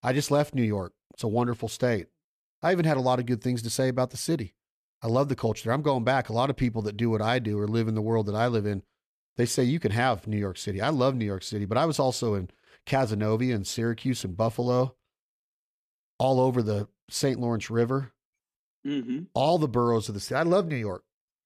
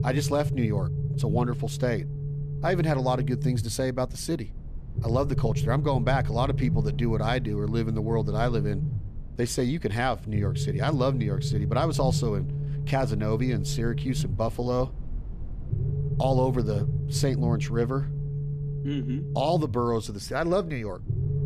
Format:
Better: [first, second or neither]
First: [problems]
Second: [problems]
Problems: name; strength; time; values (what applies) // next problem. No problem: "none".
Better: first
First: none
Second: low rumble; noticeable; throughout; 10 dB below the speech